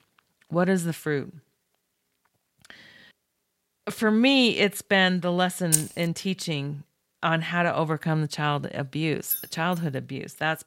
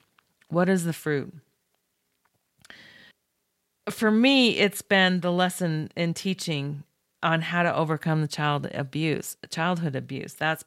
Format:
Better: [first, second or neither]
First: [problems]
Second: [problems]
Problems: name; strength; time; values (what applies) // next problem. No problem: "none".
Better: second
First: jangling keys; loud; at 5.5 s; peak 1 dB above the speech // jangling keys; noticeable; at 9.5 s; peak 4 dB below the speech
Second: none